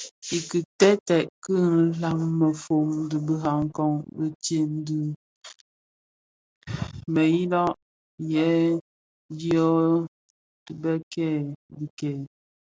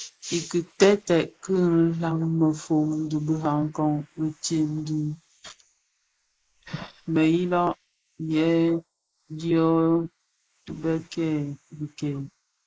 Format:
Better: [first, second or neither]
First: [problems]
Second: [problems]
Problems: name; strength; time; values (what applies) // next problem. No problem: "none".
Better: first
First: none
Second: noise reduction (neural mask model Resemble Enhance denoiser)